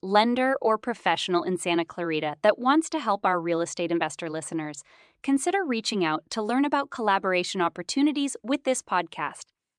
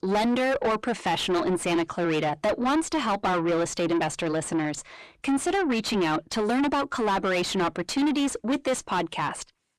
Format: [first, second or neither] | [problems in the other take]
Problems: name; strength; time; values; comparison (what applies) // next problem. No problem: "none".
first | distortion; heavy; 6 dB below the speech